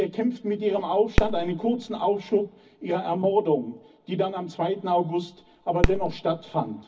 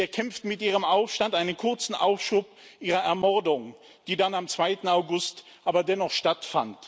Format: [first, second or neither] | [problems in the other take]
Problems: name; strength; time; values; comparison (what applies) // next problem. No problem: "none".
second | background sound (Fireworks); 5 dB below the speech // room echo; dies away in 0.4 s